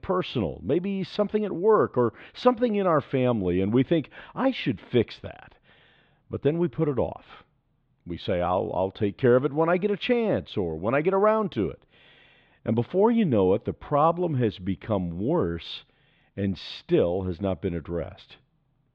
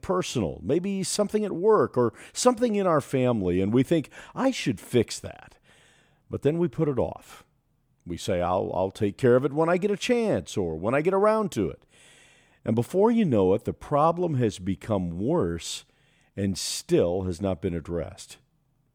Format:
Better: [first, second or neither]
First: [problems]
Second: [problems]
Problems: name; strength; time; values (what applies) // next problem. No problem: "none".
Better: second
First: muffled; slightly; fading above 4 kHz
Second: none